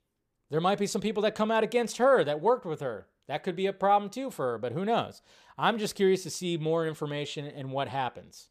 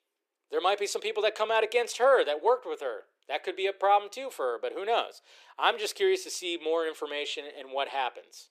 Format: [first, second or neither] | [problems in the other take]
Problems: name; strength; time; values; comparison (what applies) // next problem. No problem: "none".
first | thin; very; fading below 350 Hz